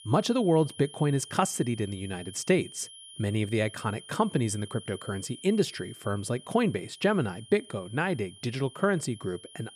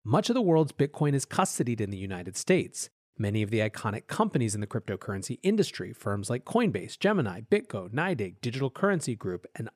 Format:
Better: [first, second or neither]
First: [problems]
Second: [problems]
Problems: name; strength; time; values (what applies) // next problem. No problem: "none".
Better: second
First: high-pitched whine; noticeable; throughout; 3 kHz, 15 dB below the speech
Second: none